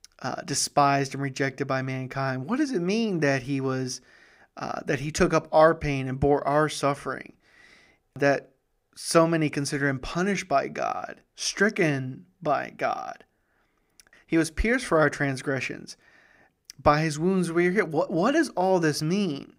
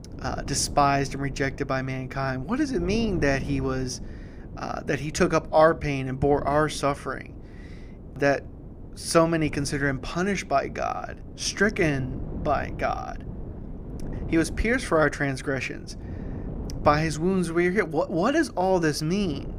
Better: first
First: none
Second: wind noise on the microphone; occasional gusts; 20 dB below the speech

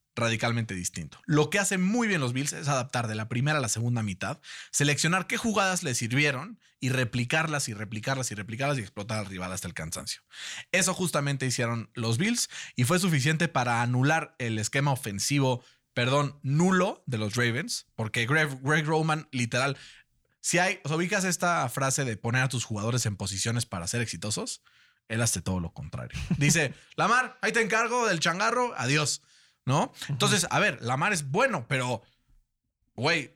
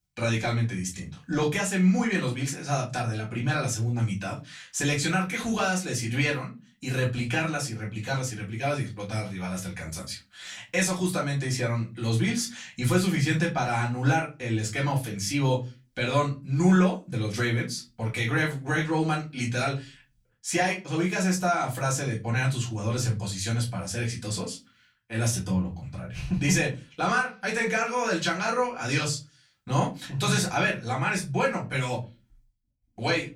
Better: first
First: none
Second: off-mic speech; far // room echo; very slight; dies away in 0.3 s

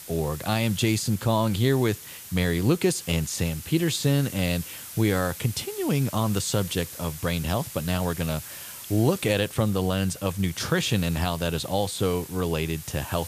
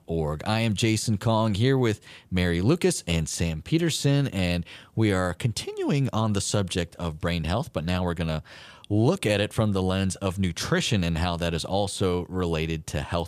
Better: second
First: hiss; noticeable; throughout; 15 dB below the speech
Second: none

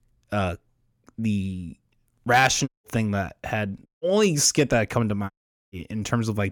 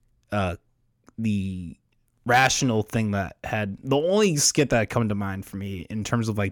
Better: second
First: audio cutting out; at 2.5 s, at 4 s and at 5.5 s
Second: none

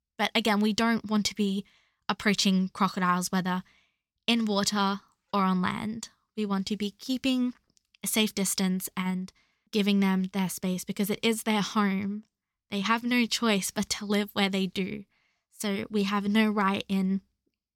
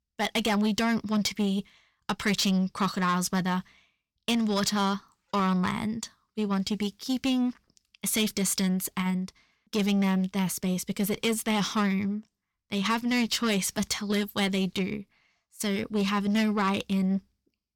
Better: first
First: none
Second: distortion; slight; 10 dB below the speech

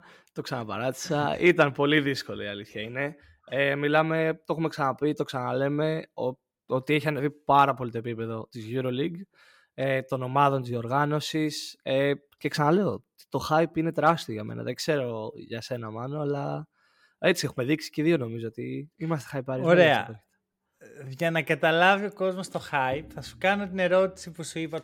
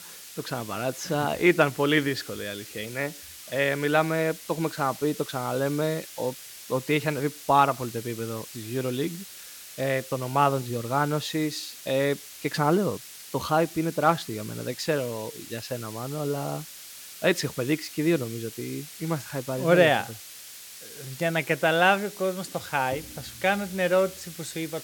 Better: first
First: none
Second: hiss; noticeable; throughout; 15 dB below the speech

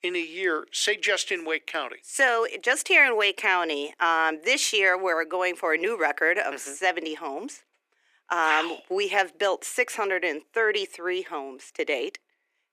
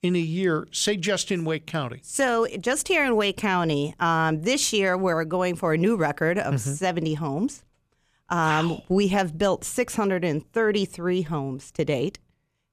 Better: second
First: thin; very; fading below 300 Hz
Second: none

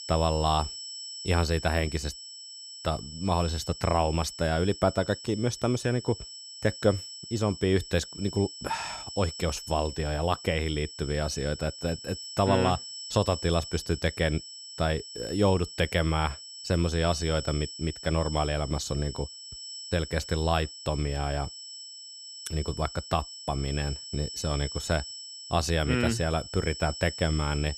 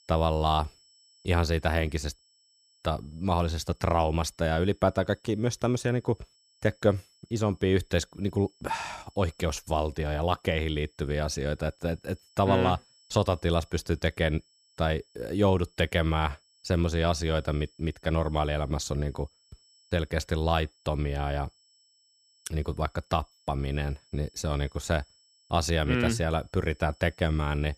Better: second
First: high-pitched whine; loud; throughout; 5.5 kHz, 10 dB below the speech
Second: high-pitched whine; faint; throughout; 5.5 kHz, 30 dB below the speech

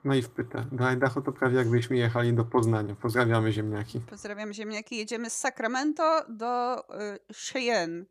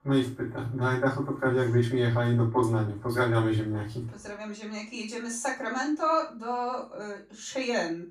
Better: first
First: none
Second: off-mic speech; far // room echo; slight; dies away in 0.3 s

